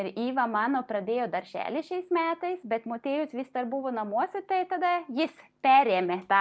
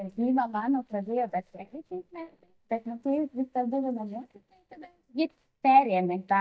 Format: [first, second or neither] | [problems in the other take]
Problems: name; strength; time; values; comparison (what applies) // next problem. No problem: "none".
first | noise reduction (neural mask model DeepFilterNet 3)